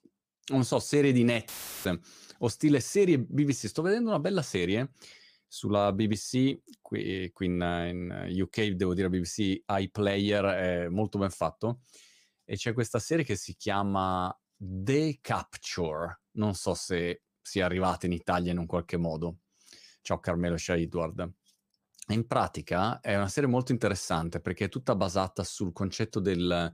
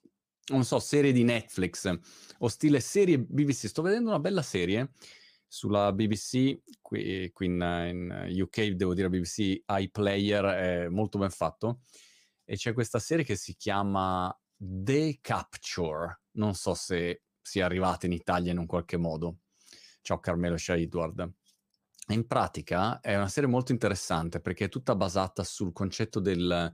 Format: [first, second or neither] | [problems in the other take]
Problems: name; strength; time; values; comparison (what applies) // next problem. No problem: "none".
second | audio cutting out; filled with static; at 1.5 s